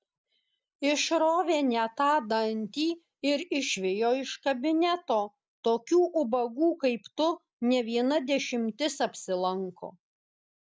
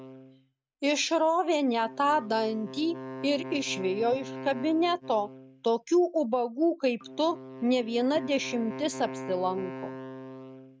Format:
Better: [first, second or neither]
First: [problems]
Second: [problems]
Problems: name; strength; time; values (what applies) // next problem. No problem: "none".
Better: first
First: none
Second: noise reduction (neural mask model RNNoise)